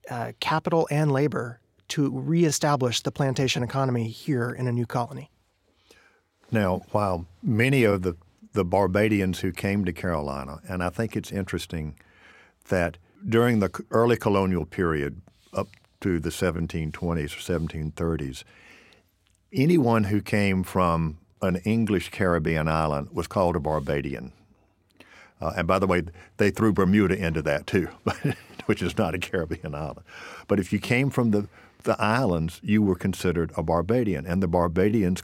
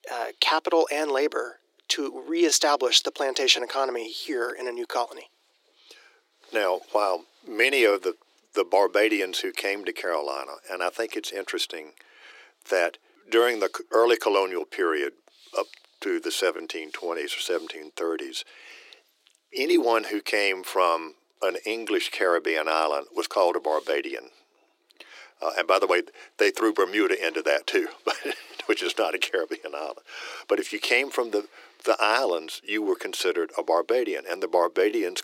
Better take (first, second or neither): first